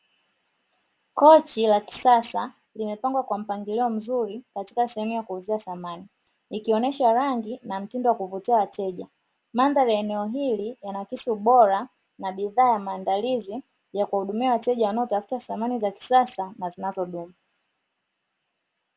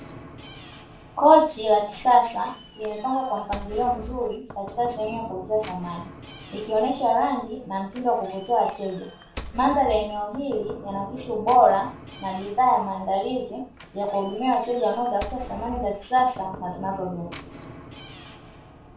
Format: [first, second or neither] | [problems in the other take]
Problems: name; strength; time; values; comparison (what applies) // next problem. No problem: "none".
first | background sound (Knock / Slam); 16 dB below the speech // room echo; dies away in 0.3 s